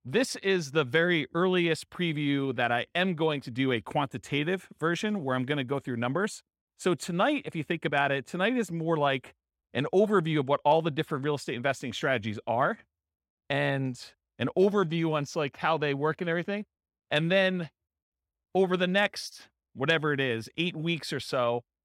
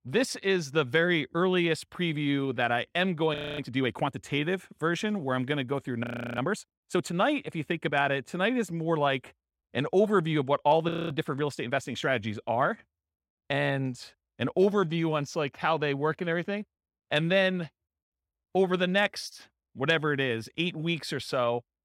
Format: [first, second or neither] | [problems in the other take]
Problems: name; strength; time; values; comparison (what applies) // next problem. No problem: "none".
first | audio freezing; at 3.5 s, at 6 s and at 11 s